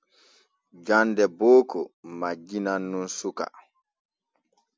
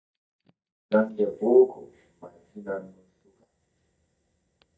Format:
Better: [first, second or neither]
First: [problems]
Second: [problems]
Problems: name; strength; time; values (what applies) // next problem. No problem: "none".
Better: first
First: none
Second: noise reduction (neural mask model DeepFilterNet 3)